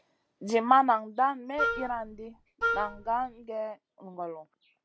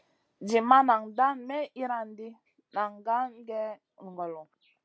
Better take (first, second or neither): second